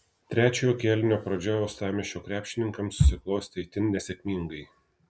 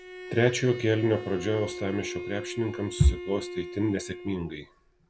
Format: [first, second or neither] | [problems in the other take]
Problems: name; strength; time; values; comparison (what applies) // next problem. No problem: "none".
first | background sound (Bowed string instrument); 11 dB below the speech